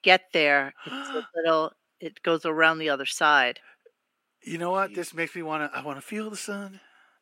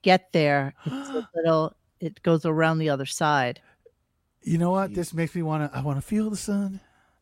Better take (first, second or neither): second